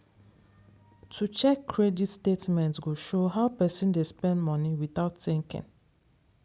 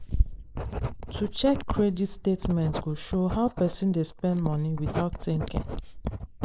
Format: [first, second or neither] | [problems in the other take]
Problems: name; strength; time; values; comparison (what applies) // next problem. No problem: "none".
first | noise reduction (neural mask model Resemble Enhance denoiser)